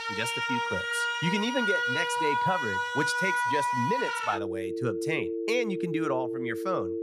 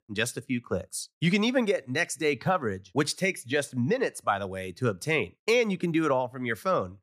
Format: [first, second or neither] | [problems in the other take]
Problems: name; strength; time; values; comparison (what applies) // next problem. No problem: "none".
second | alarms or sirens; very loud; throughout; 2 dB above the speech